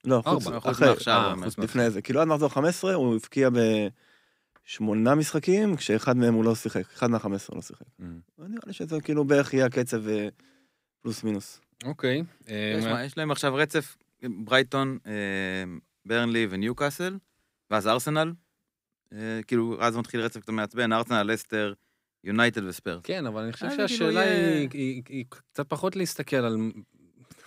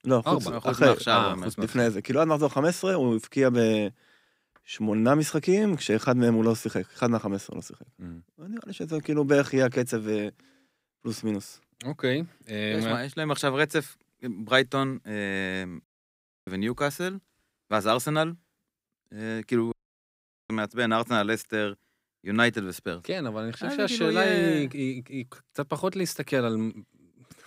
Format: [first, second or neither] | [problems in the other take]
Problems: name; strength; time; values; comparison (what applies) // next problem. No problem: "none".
first | audio cutting out; at 16 s for 0.5 s and at 20 s for 1 s